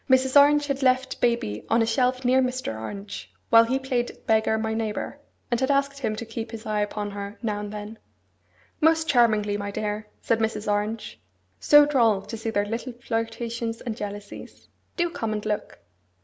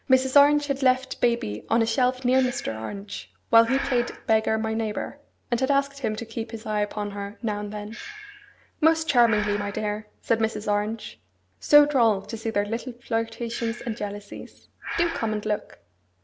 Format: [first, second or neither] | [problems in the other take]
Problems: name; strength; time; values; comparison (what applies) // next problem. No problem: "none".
first | background sound (Breathing); 16 dB below the speech